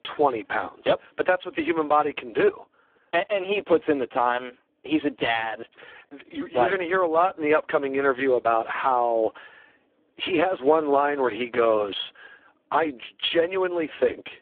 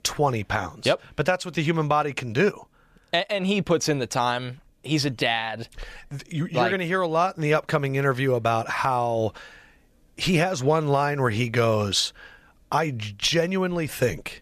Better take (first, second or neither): second